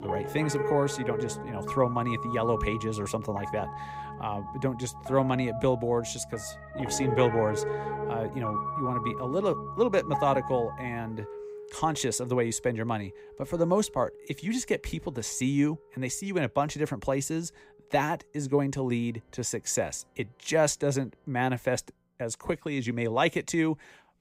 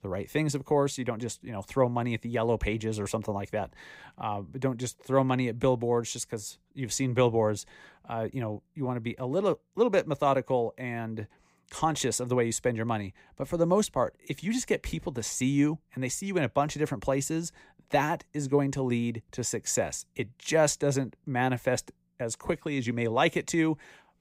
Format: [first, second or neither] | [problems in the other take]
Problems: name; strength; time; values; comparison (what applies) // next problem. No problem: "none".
second | background music; loud; throughout; 6 dB below the speech